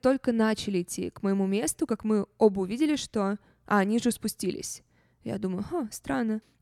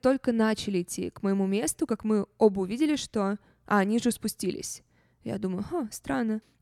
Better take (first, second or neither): neither